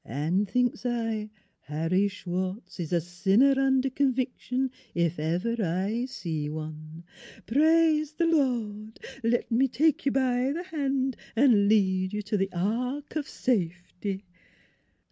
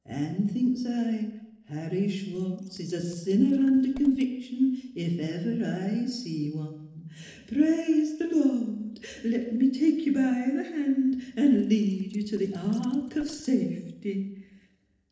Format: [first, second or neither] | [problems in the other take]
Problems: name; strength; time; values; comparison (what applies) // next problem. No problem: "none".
first | noise reduction (neural separator model SepFormer DNS4)